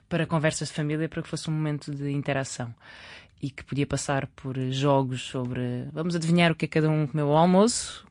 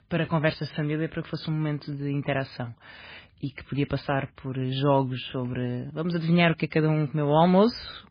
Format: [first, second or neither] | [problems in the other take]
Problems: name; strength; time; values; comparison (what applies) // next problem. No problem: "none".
first | garbled, watery; badly; nothing above 5 kHz; slightly in the first